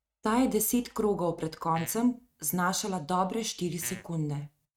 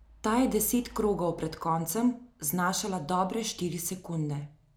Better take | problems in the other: second | noise reduction (neural mask model RNNoise)

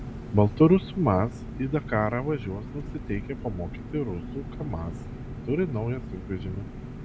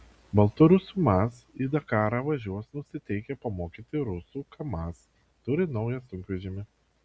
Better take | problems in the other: second | background sound (Engine); 9 dB below the speech

